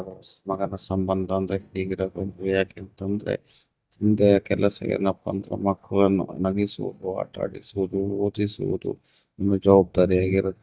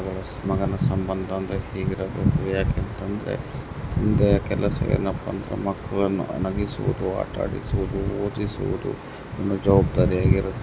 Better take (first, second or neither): second